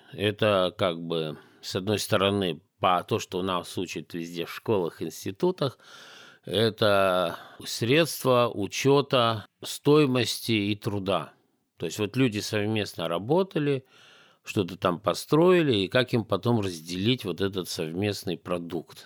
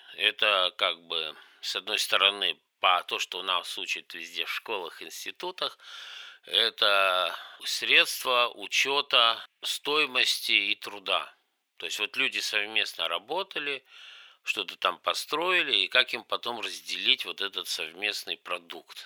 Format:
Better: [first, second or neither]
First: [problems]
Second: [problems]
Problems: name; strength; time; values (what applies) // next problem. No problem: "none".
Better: first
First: none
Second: thin; very; fading below 750 Hz